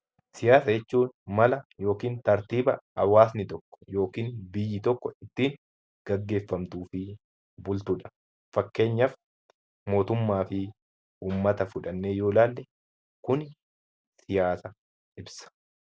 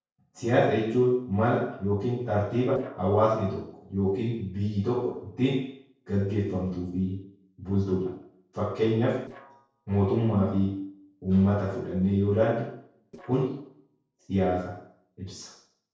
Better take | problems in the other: first | noise reduction (neural separator model SepFormer DNS4)

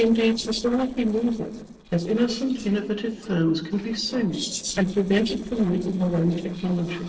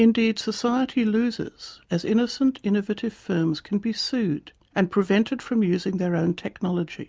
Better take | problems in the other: second | noise reduction (neural separator model SepFormer DNS4)

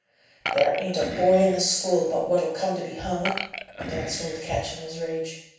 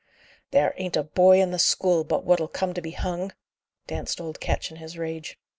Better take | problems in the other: second | background sound (Burping, eructation); 10 dB below the speech // room echo; dies away in 0.7 s

